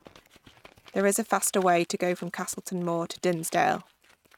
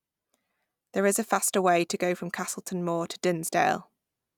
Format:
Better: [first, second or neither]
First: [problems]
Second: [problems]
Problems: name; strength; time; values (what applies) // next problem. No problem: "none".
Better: second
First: noise reduction (neural mask model RNNoise)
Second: none